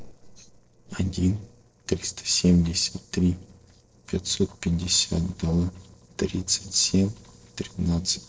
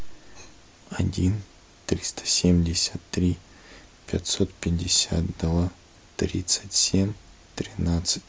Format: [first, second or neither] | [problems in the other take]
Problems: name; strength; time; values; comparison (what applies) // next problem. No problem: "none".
second | noise reduction (neural separator model SepFormer DNS4)